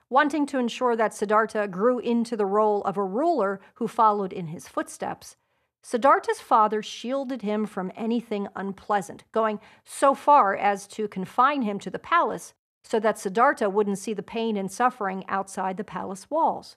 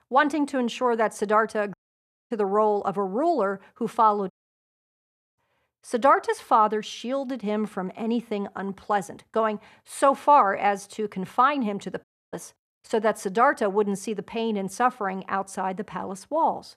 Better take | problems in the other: first | audio cutting out; at 1.5 s for 0.5 s, at 4.5 s for 1 s and at 12 s

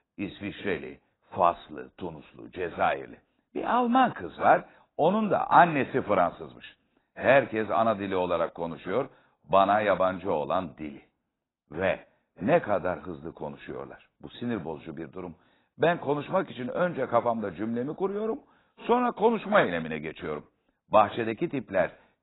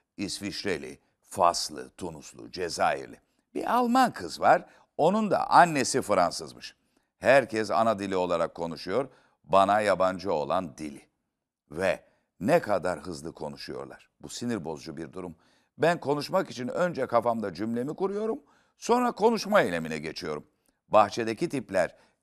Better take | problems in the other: second | garbled, watery; badly; nothing above 4 kHz

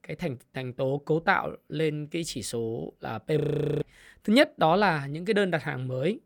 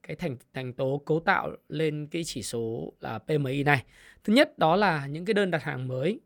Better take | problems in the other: second | audio freezing; at 3.5 s

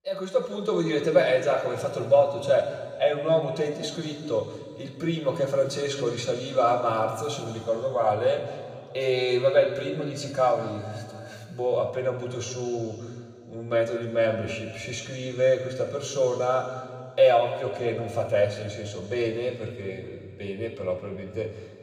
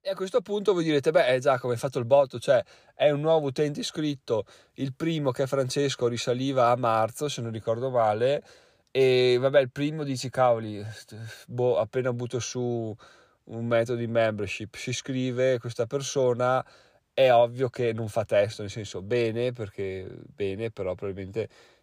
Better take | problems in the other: second | room echo; noticeable; dies away in 2.1 s // off-mic speech; somewhat distant

